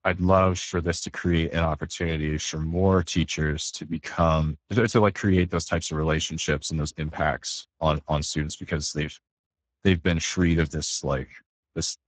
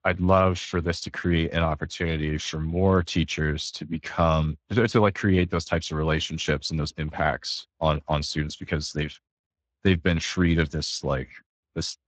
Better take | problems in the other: second | garbled, watery; badly; nothing above 7.5 kHz; slightly in the second

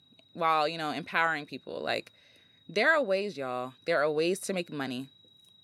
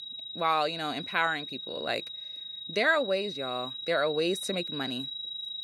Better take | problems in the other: first | high-pitched whine; loud; throughout; 4 kHz, 6 dB below the speech; faint in the first

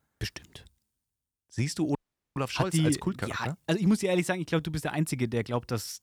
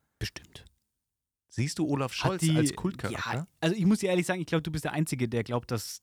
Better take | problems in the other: second | audio freezing; at 2 s

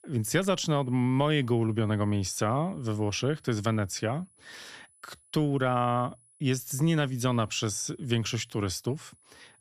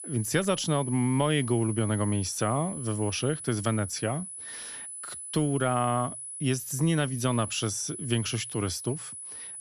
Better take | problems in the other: first | high-pitched whine; loud; throughout; 10 kHz, 8 dB below the speech; faint in the first

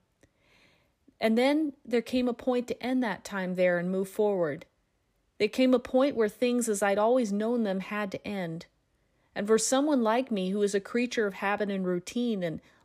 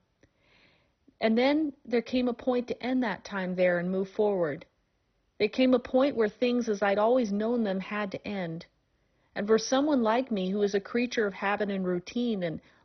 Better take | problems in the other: first | garbled, watery; badly; nothing above 6 kHz

